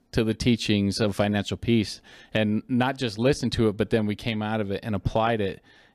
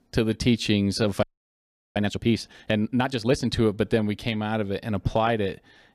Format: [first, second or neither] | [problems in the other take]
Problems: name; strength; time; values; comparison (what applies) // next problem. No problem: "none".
first | audio freezing; at 1 s for 0.5 s